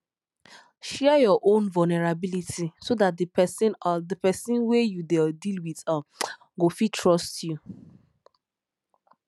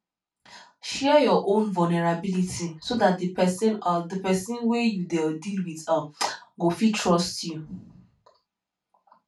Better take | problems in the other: first | room echo; dies away in 0.2 s

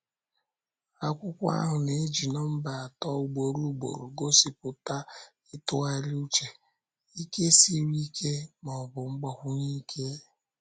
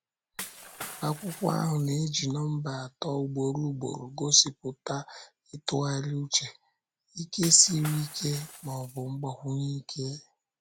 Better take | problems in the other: first | background sound (Shatter / Crushing); 14 dB below the speech

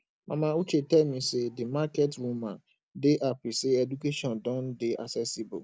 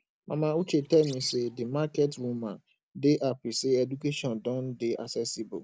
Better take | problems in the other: first | background sound (Bird); 18 dB below the speech

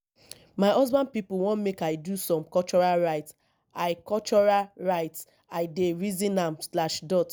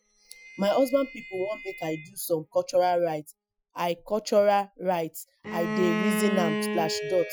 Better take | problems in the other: first | noise reduction (classical method Wiener filter)

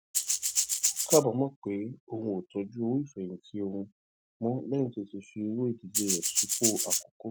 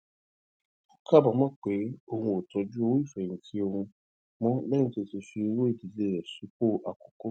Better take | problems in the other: second | background sound (Rattle (instrument)); 4 dB above the speech

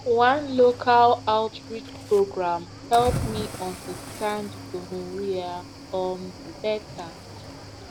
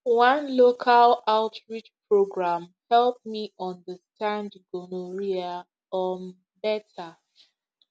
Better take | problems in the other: second | background sound (Cricket / Waves, surf); 12 dB below the speech

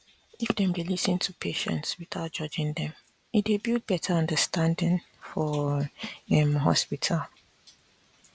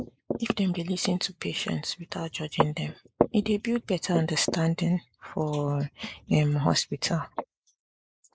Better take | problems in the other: first | noise reduction (neural mask model Resemble Enhance denoiser)

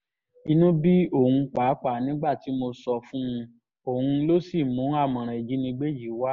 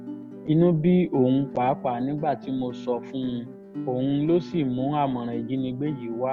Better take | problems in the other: first | background sound (Guitar); 13 dB below the speech

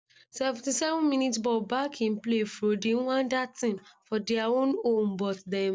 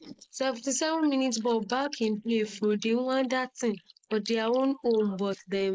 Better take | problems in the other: first | noise reduction (neural mask model Resemble Enhance denoiser)

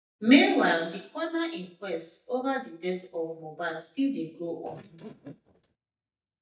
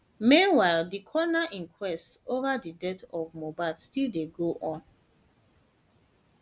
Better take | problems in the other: second | noise reduction (neural mask model DeepFilterNet 3)

